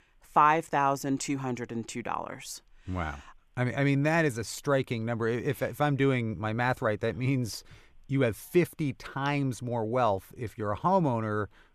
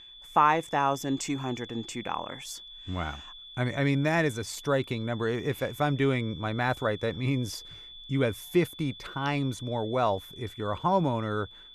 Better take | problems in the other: first | high-pitched whine; noticeable; throughout; 3.5 kHz, 15 dB below the speech

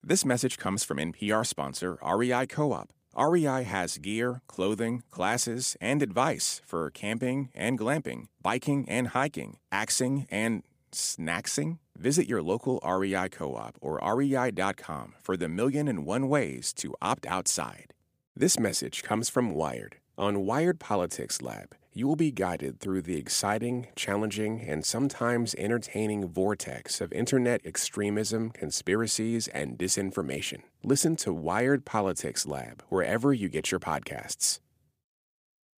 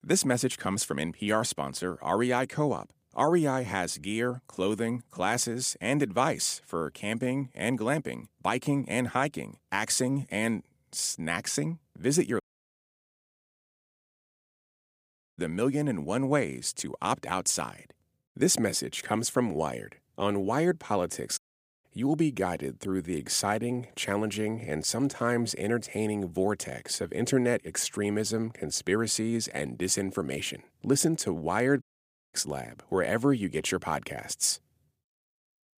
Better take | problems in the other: first | audio cutting out; at 12 s for 3 s, at 21 s and at 32 s for 0.5 s

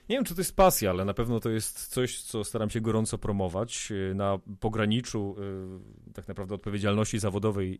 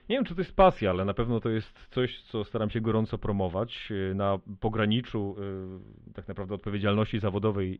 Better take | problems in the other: first | muffled; very; fading above 3.5 kHz

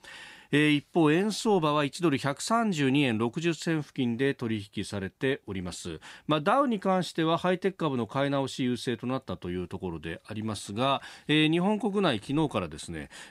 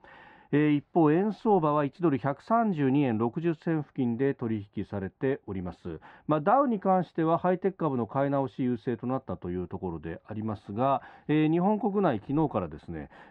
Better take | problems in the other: first | muffled; very; fading above 4 kHz

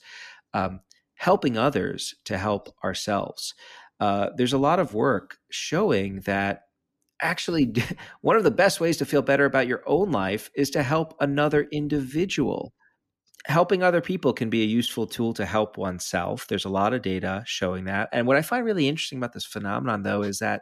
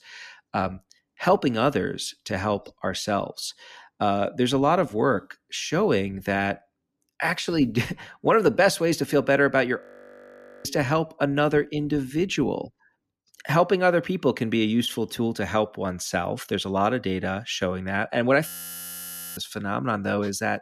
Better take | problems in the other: first | audio freezing; at 10 s for 1 s and at 18 s for 1 s

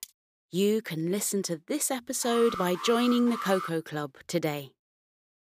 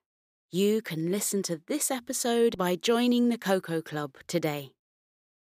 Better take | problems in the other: second | clattering dishes; very faint; at the start; peak 15 dB below the speech // alarm; noticeable; from 2 to 3.5 s; peak 7 dB below the speech

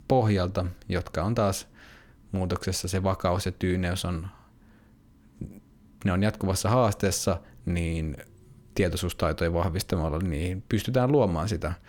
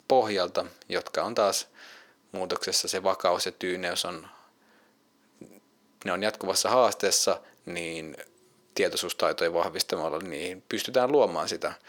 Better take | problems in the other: first | thin; very; fading below 450 Hz

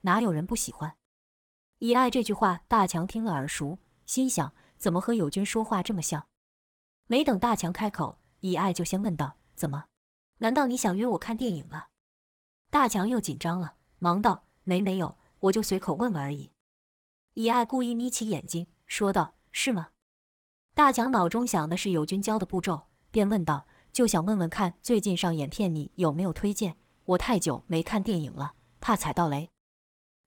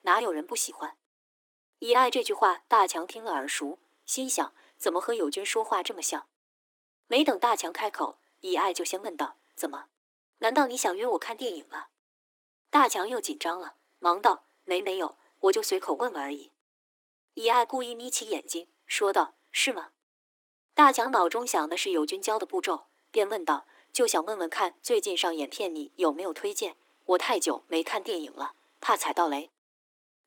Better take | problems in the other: first | thin; somewhat; fading below 300 Hz

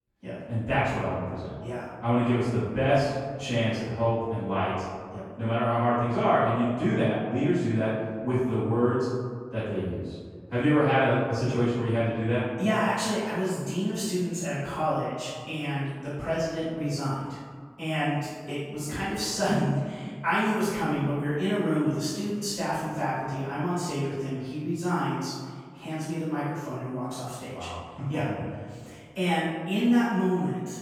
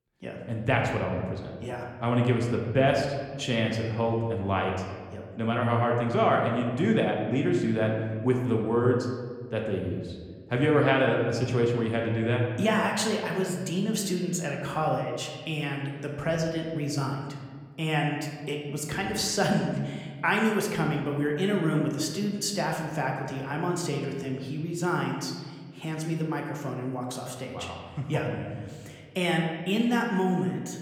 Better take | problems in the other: second | room echo; strong; dies away in 1.6 s; slight in the second // off-mic speech; far

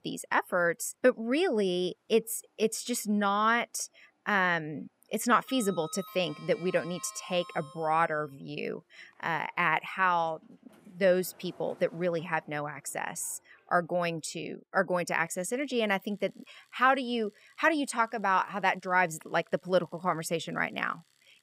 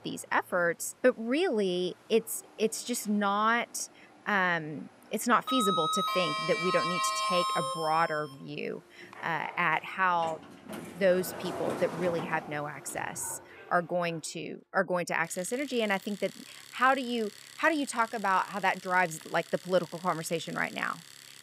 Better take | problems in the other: first | household noises; loud; throughout; 6 dB below the speech; faint in the first

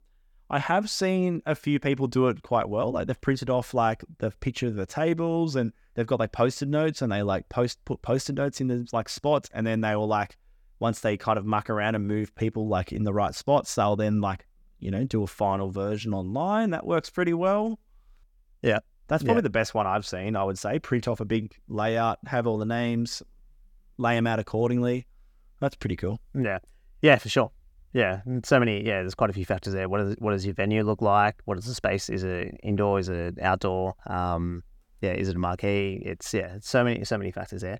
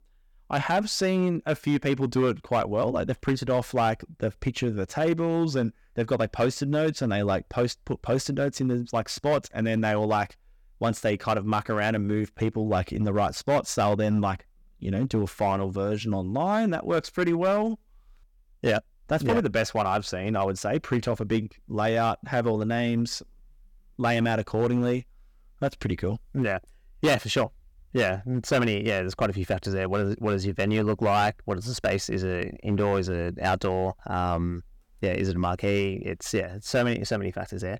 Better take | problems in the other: first | distortion; slight; 4% of the sound clipped

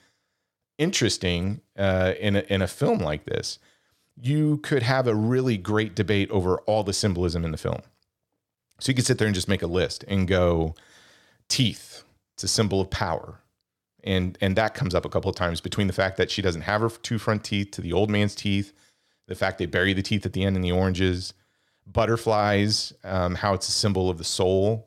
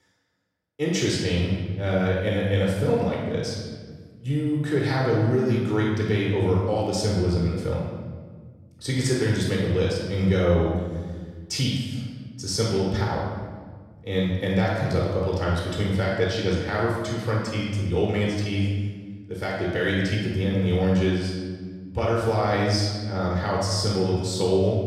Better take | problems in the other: first | off-mic speech; far // room echo; noticeable; dies away in 1.6 s

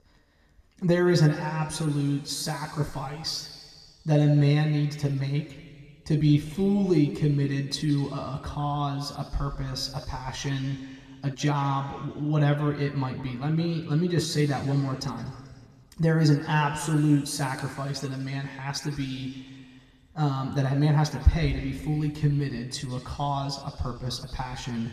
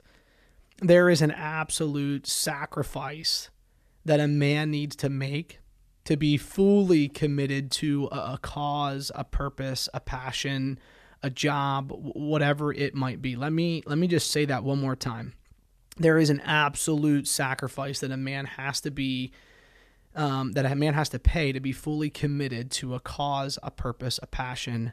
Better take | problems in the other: second | room echo; slight; dies away in 1.9 s

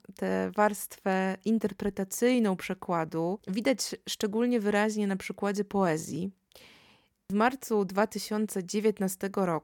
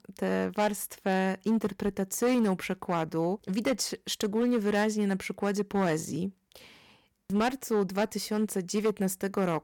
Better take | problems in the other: first | distortion; slight; 6% of the sound clipped

